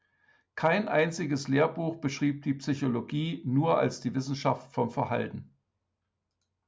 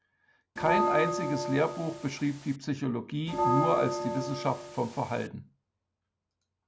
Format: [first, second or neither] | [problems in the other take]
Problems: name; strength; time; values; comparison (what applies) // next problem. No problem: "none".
first | background sound (Bell); as loud as the speech